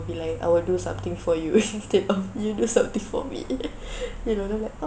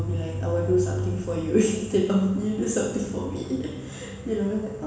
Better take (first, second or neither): first